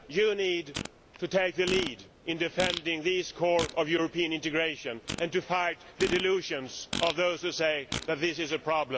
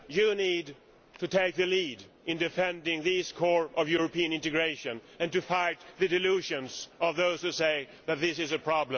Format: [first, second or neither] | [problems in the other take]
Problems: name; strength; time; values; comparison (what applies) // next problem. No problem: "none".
second | background sound (Fart); 11 dB below the speech